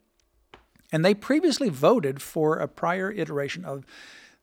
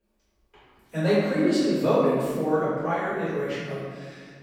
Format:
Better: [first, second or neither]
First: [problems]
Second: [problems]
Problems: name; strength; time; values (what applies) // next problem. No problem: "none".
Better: first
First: none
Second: room echo; strong; dies away in 1.6 s // off-mic speech; far